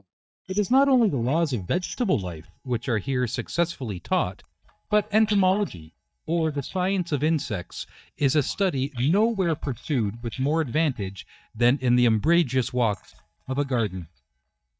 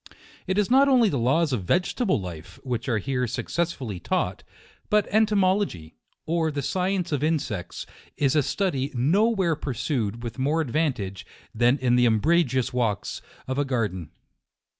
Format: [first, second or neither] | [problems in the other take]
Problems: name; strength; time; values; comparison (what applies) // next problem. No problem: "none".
second | noise reduction (neural mask model DeepFilterNet 3)